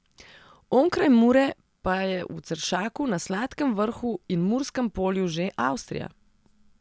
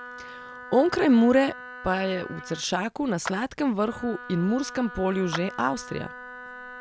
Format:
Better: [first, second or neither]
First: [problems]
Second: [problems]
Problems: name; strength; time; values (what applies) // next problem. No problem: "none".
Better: first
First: none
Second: background sound (Wind instrument, woodwind instrument + Clapping); 14 dB below the speech